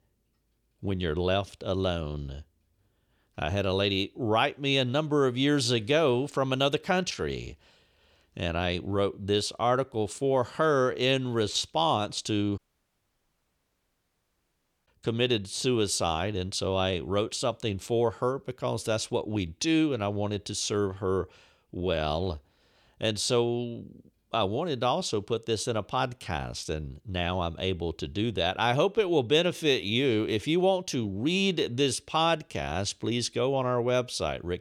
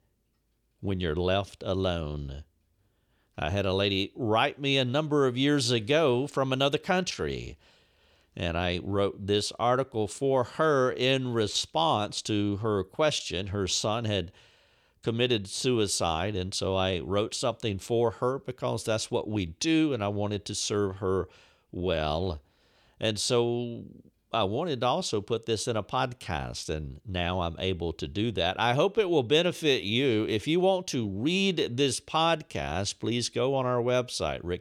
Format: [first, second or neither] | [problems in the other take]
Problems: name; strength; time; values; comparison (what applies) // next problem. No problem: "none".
second | audio cutting out; at 13 s for 2.5 s